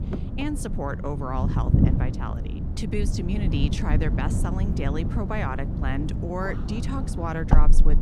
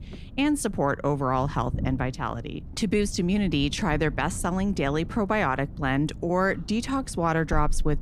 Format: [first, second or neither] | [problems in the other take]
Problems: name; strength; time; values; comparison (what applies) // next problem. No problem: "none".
second | wind noise on the microphone; heavy; 4 dB below the speech; occasional gusts in the second